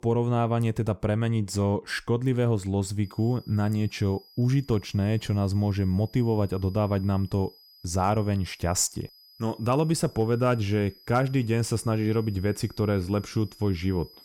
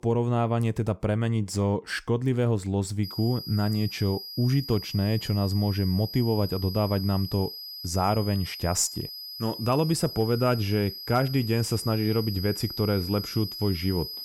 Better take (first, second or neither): first